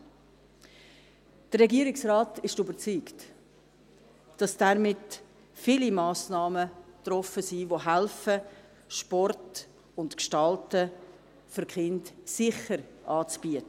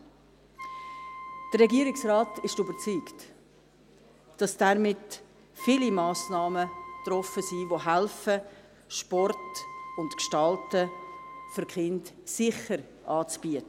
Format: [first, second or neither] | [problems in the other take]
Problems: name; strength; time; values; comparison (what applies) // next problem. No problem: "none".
first | background sound (Wind instrument, woodwind instrument); 14 dB below the speech